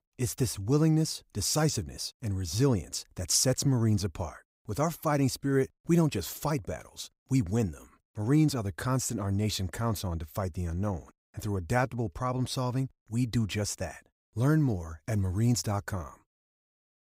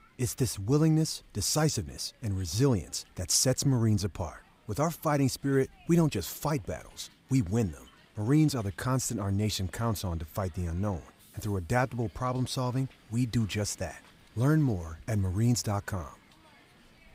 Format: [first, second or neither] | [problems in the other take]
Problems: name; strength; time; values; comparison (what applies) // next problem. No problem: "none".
first | hiss; faint; throughout; 30 dB below the speech